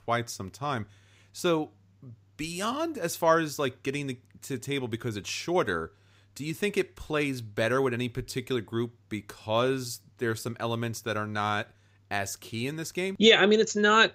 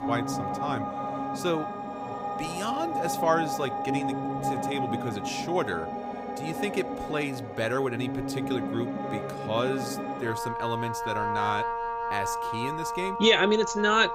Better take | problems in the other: first | background music; loud; throughout; 2 dB below the speech

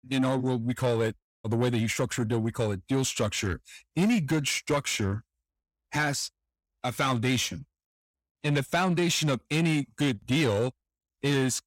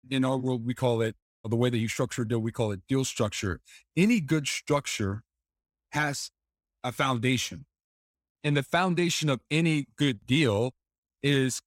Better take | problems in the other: second | distortion; slight; 10 dB below the speech

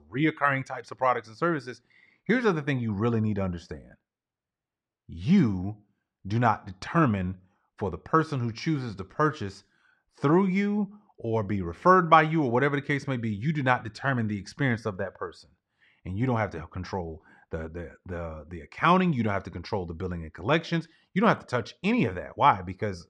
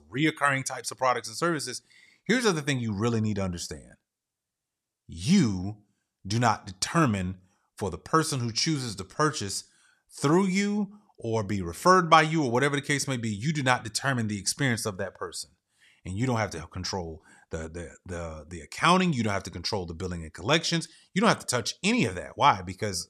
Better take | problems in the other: second | muffled; very; fading above 2 kHz

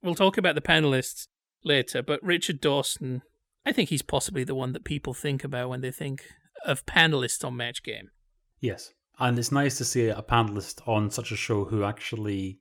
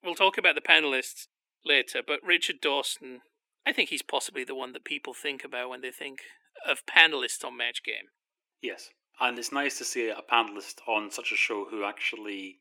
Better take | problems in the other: first | thin; somewhat; fading below 300 Hz

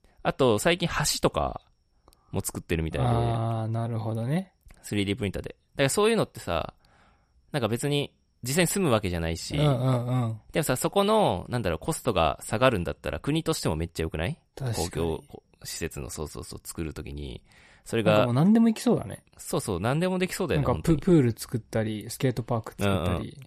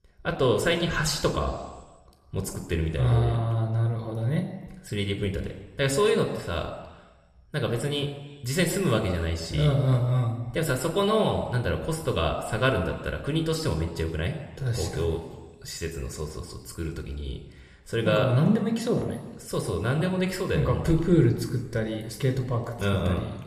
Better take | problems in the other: first | room echo; slight; dies away in 1.1 s

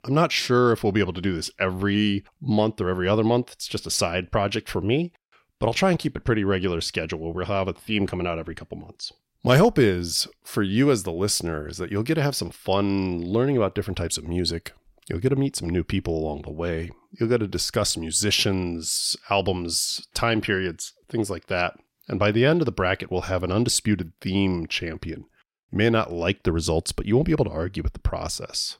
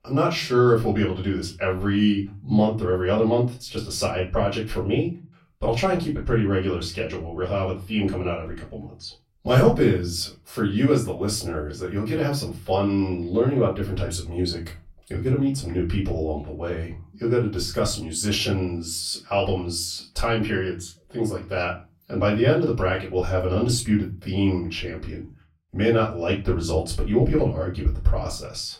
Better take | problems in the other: first | off-mic speech; far // room echo; slight; dies away in 0.3 s

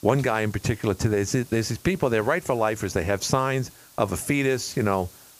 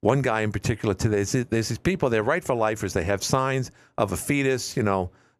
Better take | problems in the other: second | hiss; faint; throughout; 25 dB below the speech

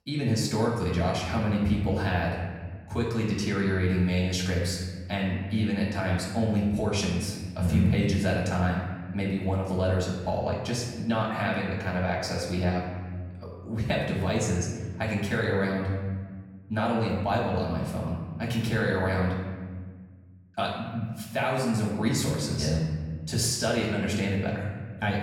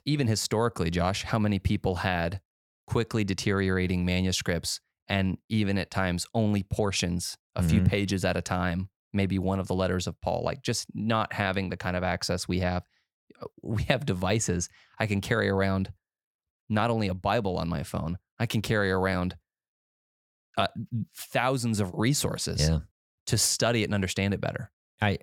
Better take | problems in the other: second | off-mic speech; far // room echo; noticeable; dies away in 1.4 s

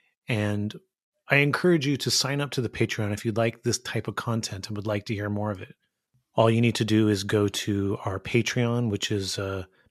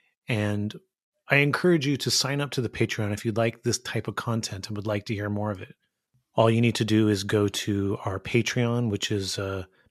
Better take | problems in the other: neither | none

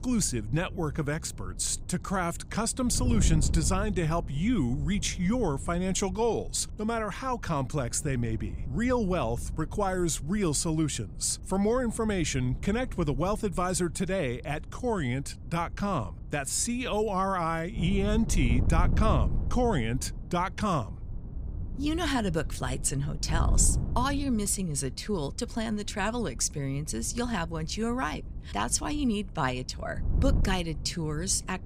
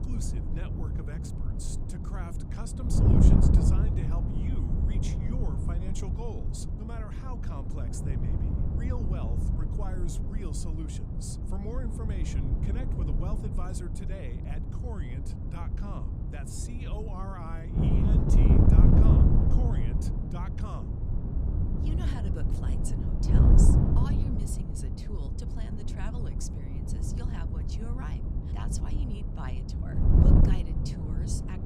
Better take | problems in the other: first | wind noise on the microphone; heavy; 5 dB above the speech; occasional gusts in the first

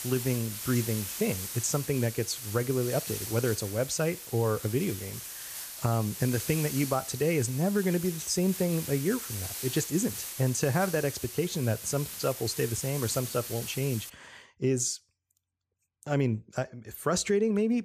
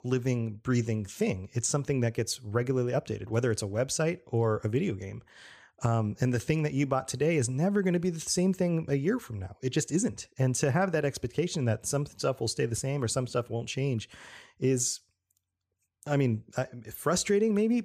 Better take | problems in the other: second | hiss; loud; until 14 s; 7 dB below the speech

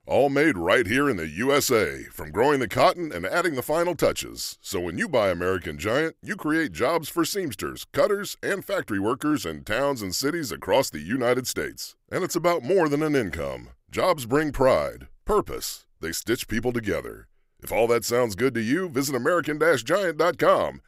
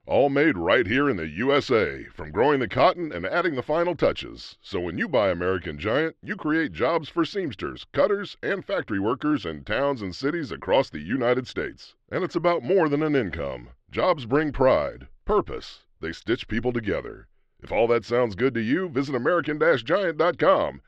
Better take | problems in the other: first | muffled; slightly; fading above 3.5 kHz

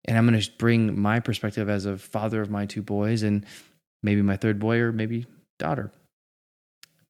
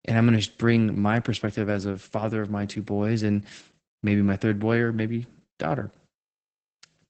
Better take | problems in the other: first | garbled, watery; badly; nothing above 8 kHz

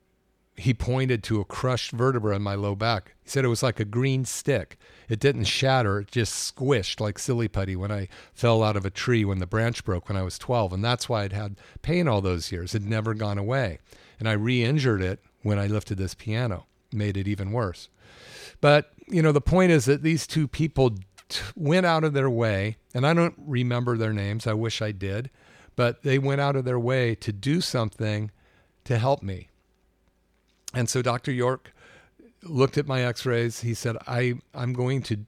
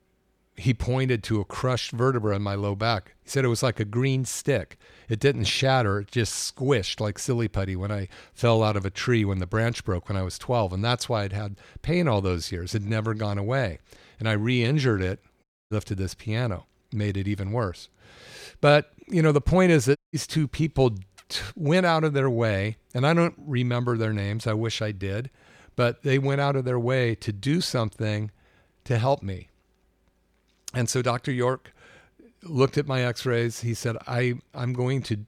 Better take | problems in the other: first | audio cutting out; at 15 s and at 20 s

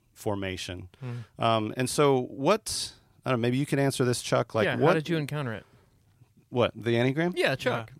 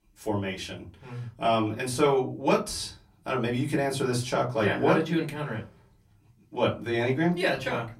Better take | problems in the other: first | off-mic speech; far // room echo; very slight; dies away in 0.3 s

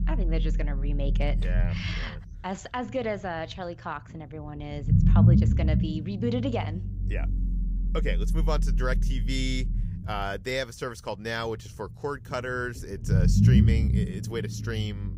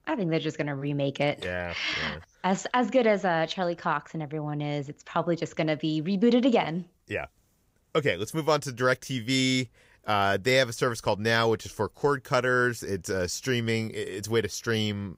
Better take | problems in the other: second | low rumble; loud; throughout; 4 dB below the speech

